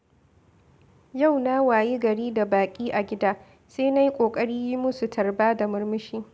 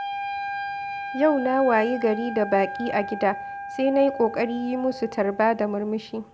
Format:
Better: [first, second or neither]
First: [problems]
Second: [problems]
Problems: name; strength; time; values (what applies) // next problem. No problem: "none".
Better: first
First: none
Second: background sound (Wind instrument, woodwind instrument); 10 dB below the speech